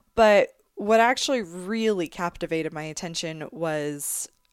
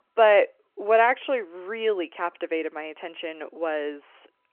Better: first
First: none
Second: phone-call audio

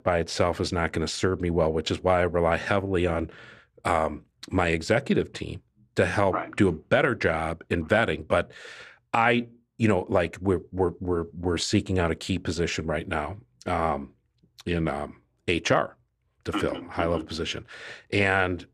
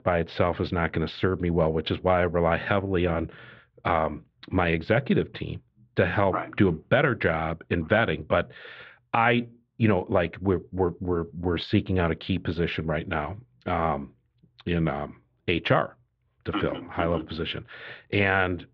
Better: first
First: none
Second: muffled; slightly; fading above 3.5 kHz

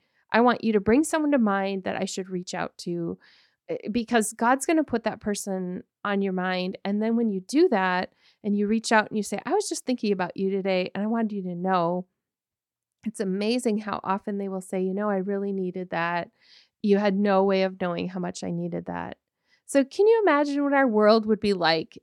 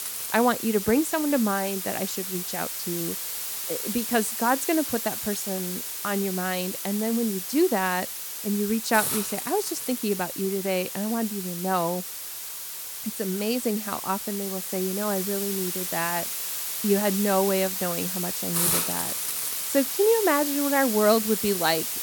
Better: first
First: none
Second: hiss; loud; throughout; 2 dB below the speech

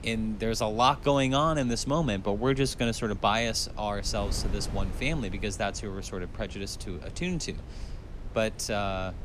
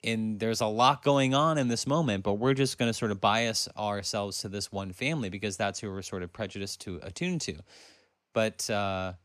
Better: second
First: wind noise on the microphone; occasional gusts; 20 dB below the speech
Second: none

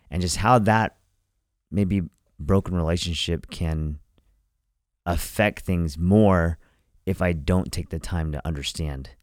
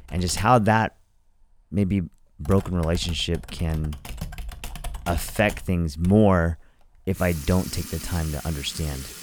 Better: first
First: none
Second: household noises; noticeable; throughout; 15 dB below the speech

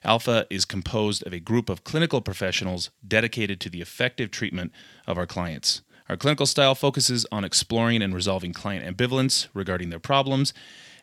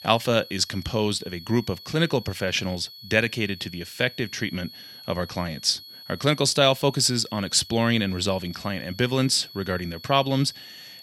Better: first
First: none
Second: high-pitched whine; noticeable; throughout; 4.5 kHz, 15 dB below the speech

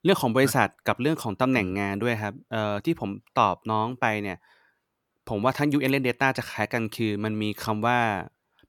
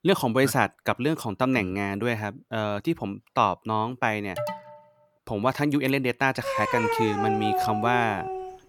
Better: first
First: none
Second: alarm; noticeable; at 4.5 s; peak 7 dB below the speech // dog barking; loud; from 6.5 s on; peak level with the speech

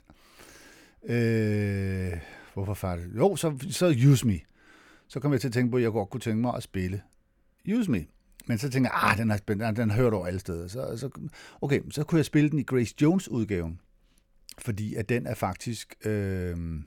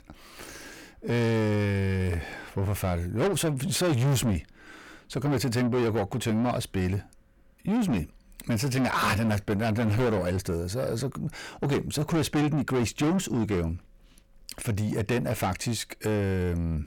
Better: first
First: none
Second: distortion; heavy; 6 dB below the speech

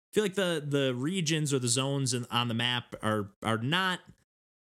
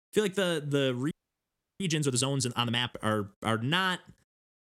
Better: first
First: none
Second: audio freezing; at 1 s for 0.5 s

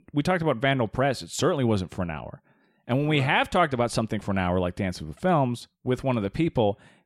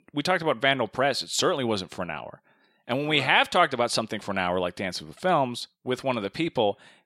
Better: first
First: none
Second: thin; very slightly; fading below 500 Hz

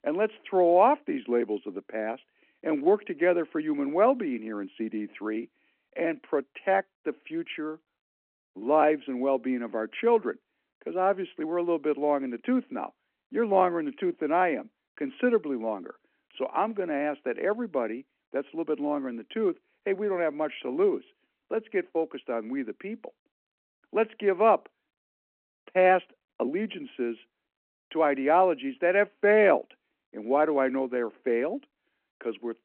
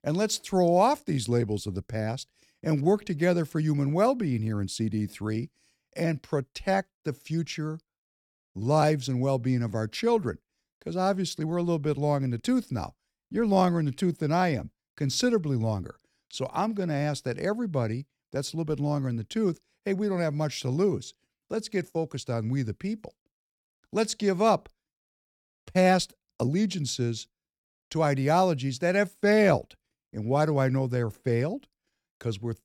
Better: second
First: phone-call audio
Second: none

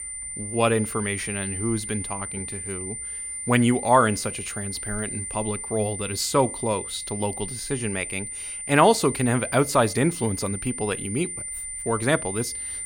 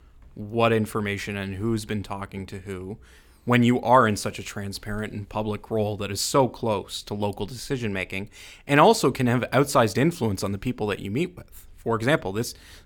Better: second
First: high-pitched whine; loud; throughout; 9 kHz, 6 dB below the speech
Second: none

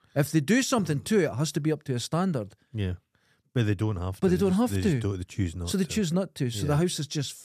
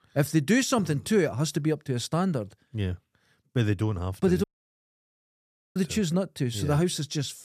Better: first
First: none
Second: audio cutting out; at 4.5 s for 1.5 s

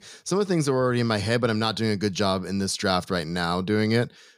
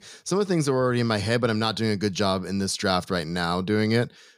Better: neither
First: none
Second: none

